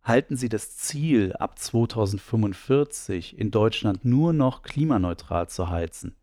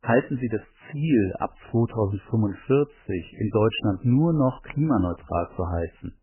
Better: first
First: none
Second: garbled, watery; badly; nothing above 3 kHz

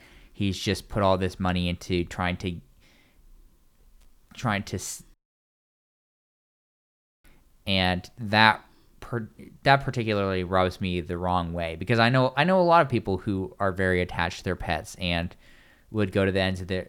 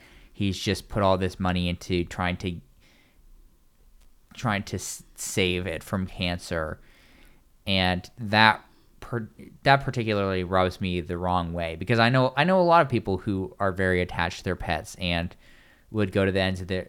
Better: second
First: audio cutting out; at 5 s for 2 s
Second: none

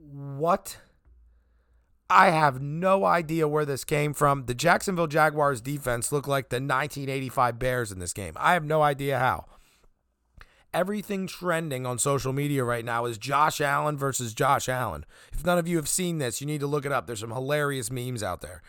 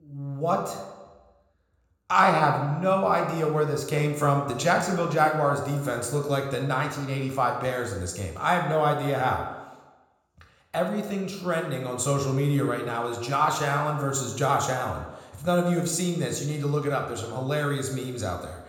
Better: first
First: none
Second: room echo; noticeable; dies away in 0.9 s // off-mic speech; somewhat distant

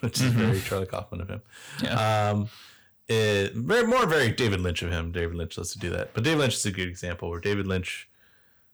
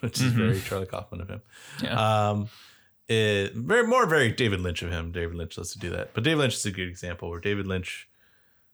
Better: second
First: distortion; slight; 6% of the sound clipped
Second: none

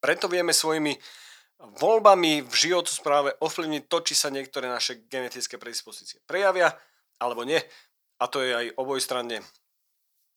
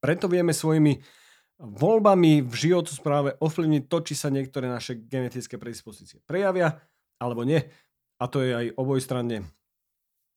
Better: second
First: thin; very; fading below 650 Hz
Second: none

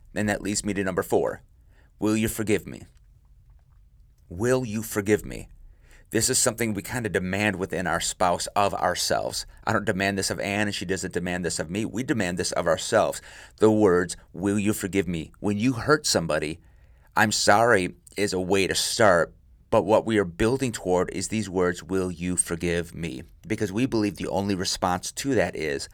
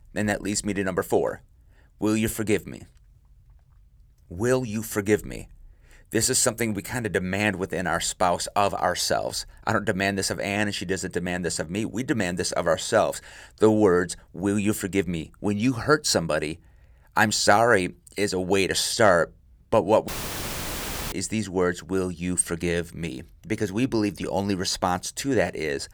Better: first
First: none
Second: audio cutting out; filled with static; at 20 s for 1 s

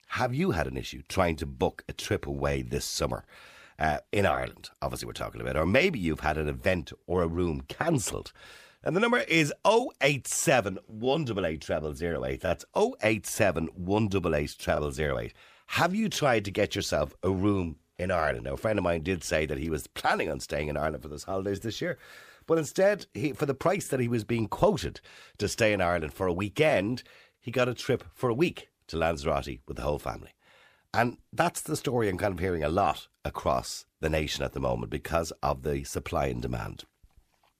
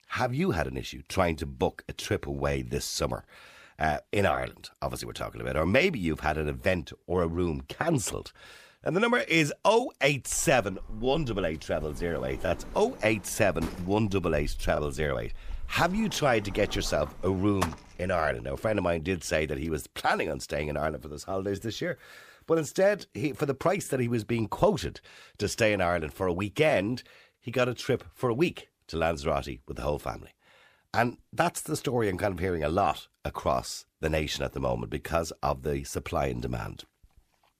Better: first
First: none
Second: door banging; noticeable; from 10 to 19 s; peak 6 dB below the speech

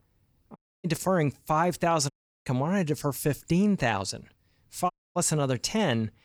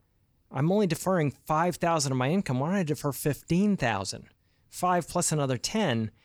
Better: second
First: audio cutting out; at 0.5 s, at 2 s and at 5 s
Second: none

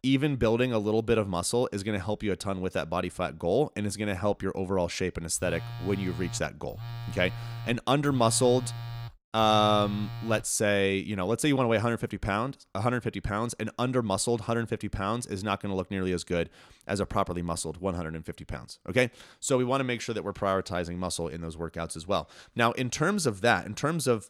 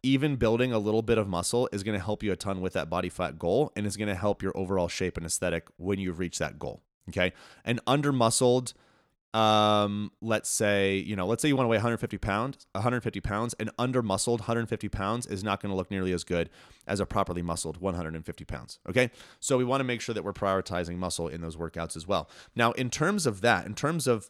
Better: second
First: phone ringing; noticeable; from 5.5 to 10 s; peak 9 dB below the speech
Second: none

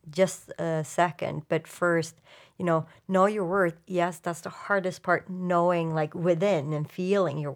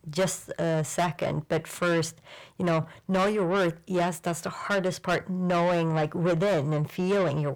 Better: first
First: none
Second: distortion; heavy; 8 dB below the speech

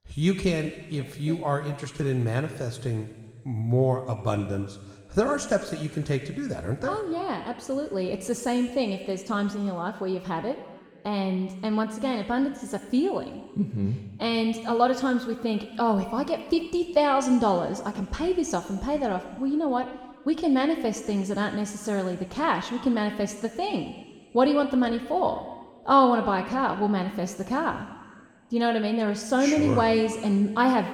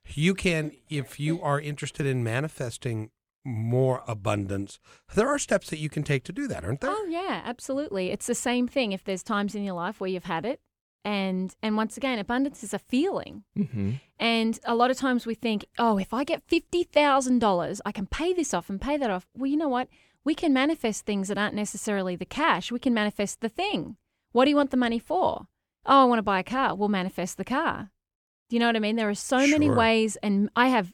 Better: second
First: room echo; slight; dies away in 1.5 s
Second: none

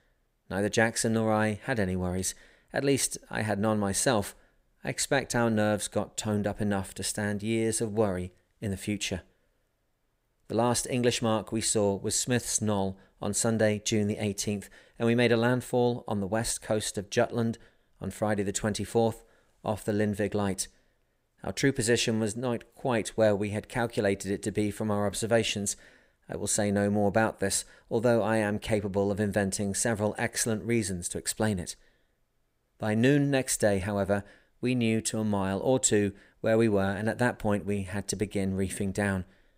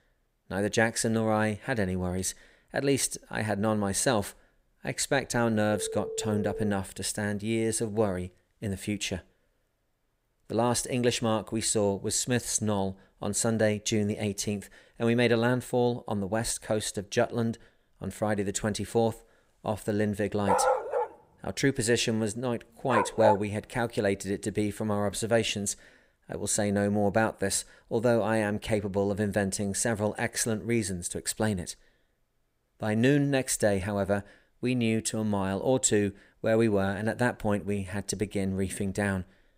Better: first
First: none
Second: phone ringing; noticeable; from 5.5 to 6.5 s; peak 8 dB below the speech // dog barking; loud; from 20 to 23 s; peak 3 dB above the speech

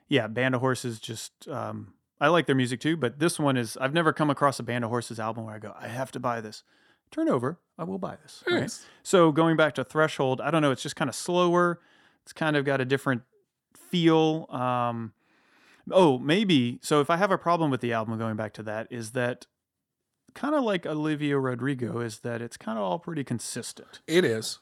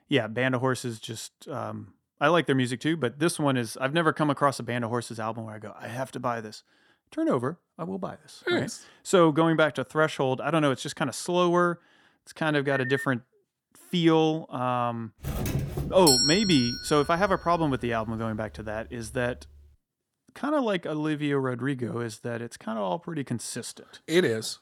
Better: first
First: none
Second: phone ringing; noticeable; at 13 s; peak 7 dB below the speech // doorbell; loud; from 15 to 17 s; peak 6 dB above the speech

